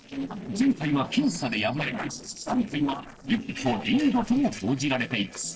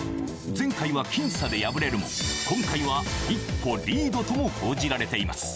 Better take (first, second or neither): second